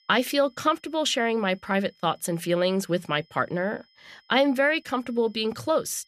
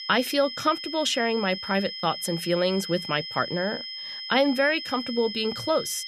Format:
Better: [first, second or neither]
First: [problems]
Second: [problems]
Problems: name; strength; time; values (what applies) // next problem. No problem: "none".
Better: first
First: high-pitched whine; faint; throughout; 5 kHz, 35 dB below the speech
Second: high-pitched whine; loud; throughout; 5 kHz, 8 dB below the speech